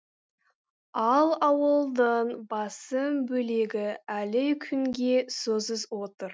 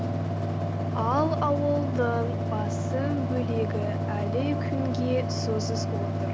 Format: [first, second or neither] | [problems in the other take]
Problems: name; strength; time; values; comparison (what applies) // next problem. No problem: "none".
first | background sound (Mechanical fan); 2 dB above the speech